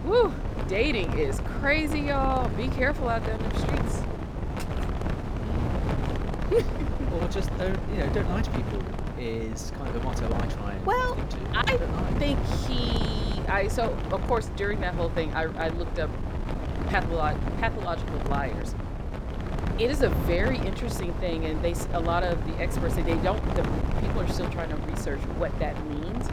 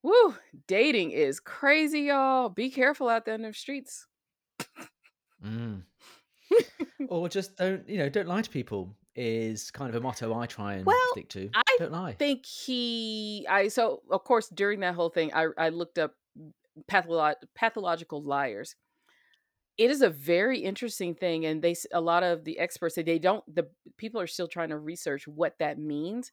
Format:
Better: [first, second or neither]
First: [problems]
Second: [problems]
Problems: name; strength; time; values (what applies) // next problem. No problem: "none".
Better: second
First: wind noise on the microphone; heavy; 6 dB below the speech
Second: none